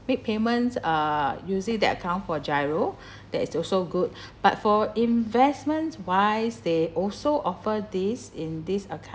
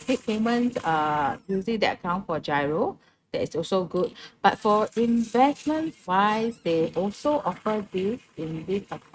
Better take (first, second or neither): first